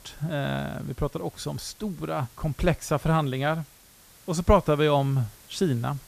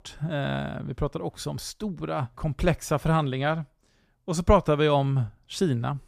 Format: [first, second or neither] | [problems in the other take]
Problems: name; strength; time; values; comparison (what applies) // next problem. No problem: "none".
second | hiss; faint; throughout; 25 dB below the speech